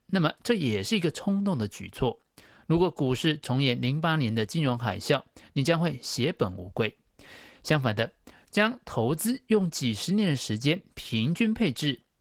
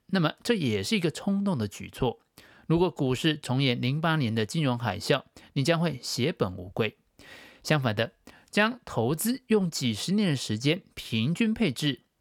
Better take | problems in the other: second | garbled, watery; slightly; nothing above 19 kHz

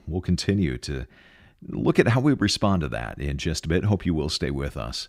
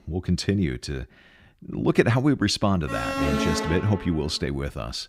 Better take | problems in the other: first | alarm; loud; from 3 to 4 s; peak level with the speech

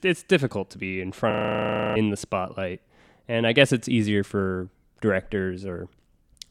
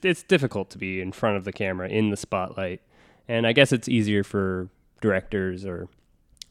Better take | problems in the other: second | audio freezing; at 1.5 s for 0.5 s

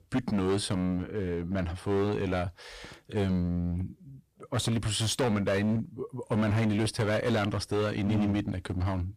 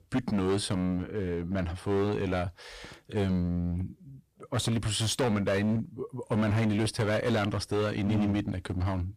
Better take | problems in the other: neither | distortion; heavy; 13% of the sound clipped; the same in both

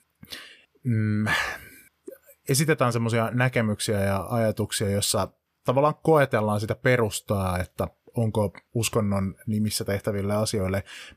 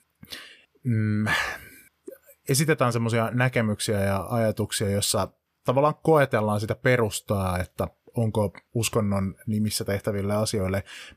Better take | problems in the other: neither | none

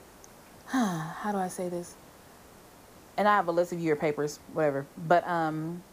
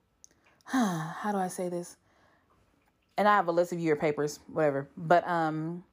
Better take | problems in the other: second | hiss; faint; throughout; 25 dB below the speech

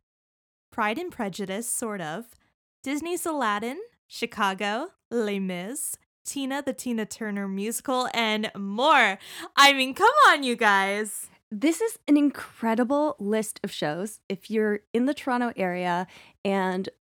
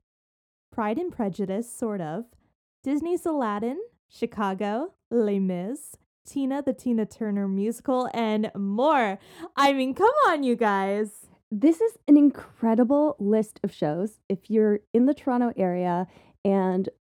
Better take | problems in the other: first | muffled; slightly; fading above 1 kHz

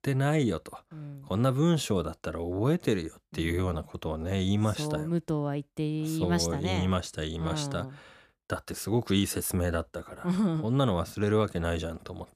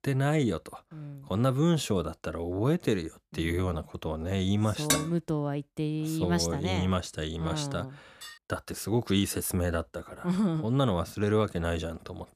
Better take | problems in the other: first | clattering dishes; loud; at 5 s; peak 1 dB above the speech // clattering dishes; faint; at 8 s; peak 15 dB below the speech

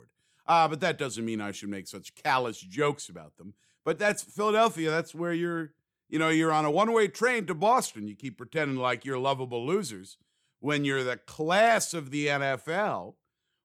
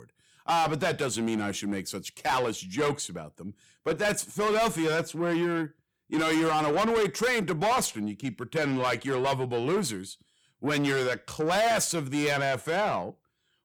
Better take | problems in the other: first | distortion; heavy; 7 dB below the speech

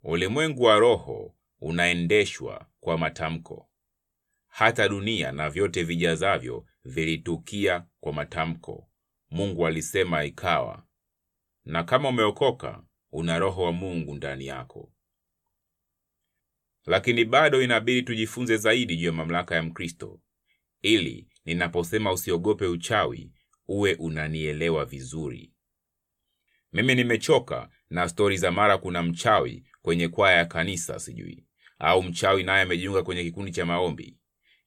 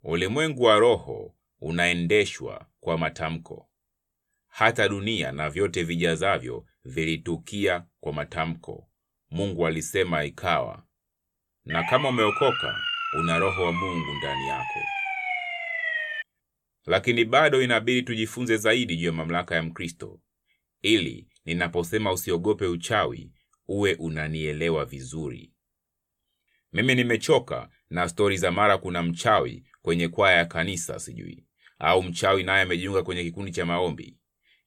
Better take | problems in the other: first | siren; noticeable; from 12 to 16 s; peak 2 dB below the speech

